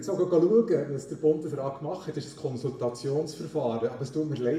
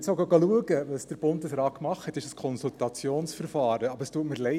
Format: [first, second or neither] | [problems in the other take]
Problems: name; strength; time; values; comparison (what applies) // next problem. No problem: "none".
second | room echo; dies away in 0.7 s